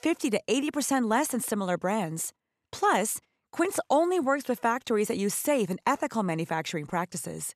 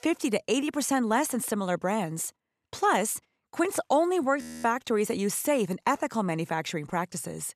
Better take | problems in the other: first | audio freezing; at 4.5 s

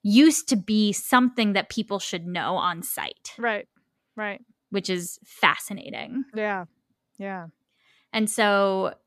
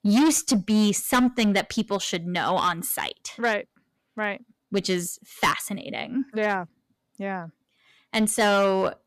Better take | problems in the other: first | distortion; heavy; 6% of the sound clipped

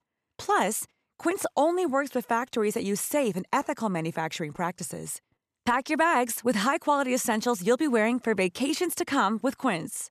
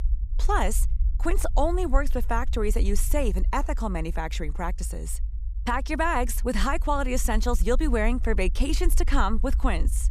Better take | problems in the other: first | low rumble; faint; throughout; 25 dB below the speech

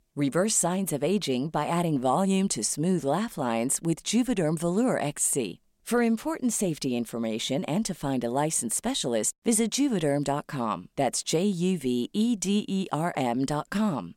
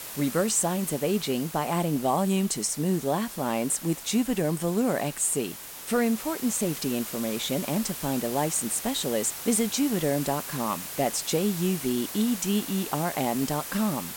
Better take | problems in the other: first | hiss; loud; throughout; 9 dB below the speech

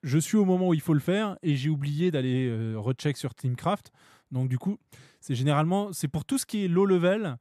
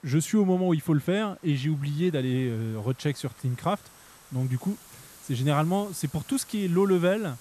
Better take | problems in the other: first | hiss; faint; throughout; 25 dB below the speech

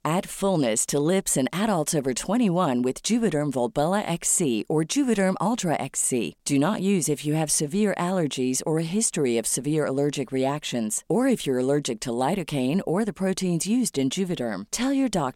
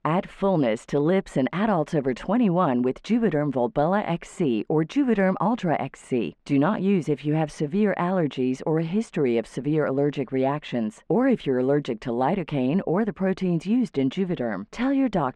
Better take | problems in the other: first | muffled; very; fading above 2 kHz

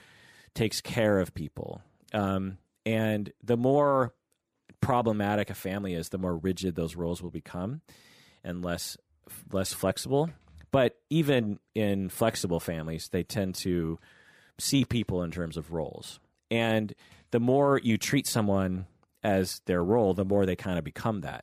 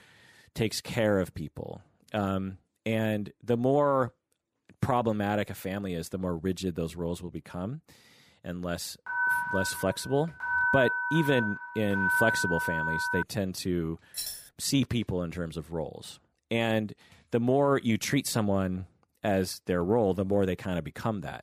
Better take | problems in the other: first | phone ringing; loud; from 9 to 13 s; peak 5 dB above the speech // jangling keys; noticeable; at 14 s; peak 5 dB below the speech

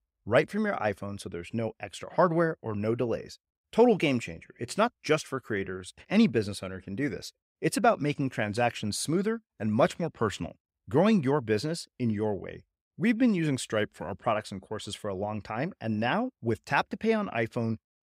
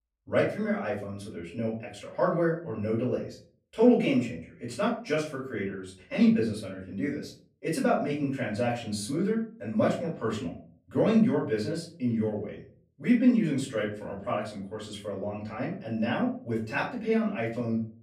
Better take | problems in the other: first | off-mic speech; far // room echo; slight; dies away in 0.4 s

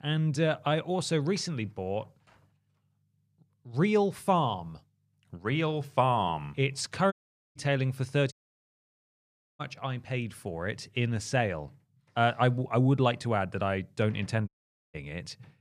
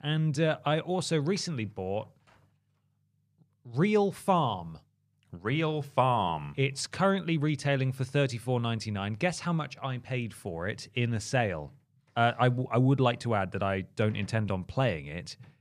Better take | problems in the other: second | audio cutting out; at 7 s, at 8.5 s for 1.5 s and at 14 s

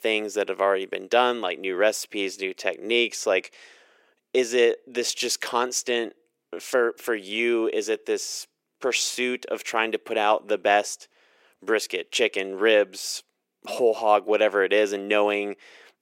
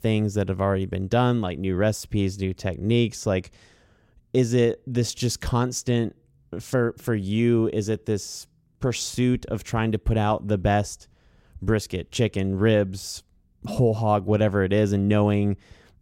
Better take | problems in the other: second | thin; very; fading below 350 Hz

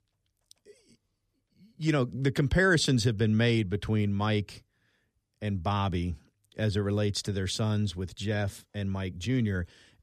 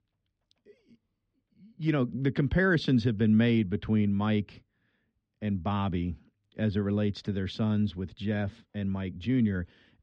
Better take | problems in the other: first | muffled; slightly; fading above 3.5 kHz

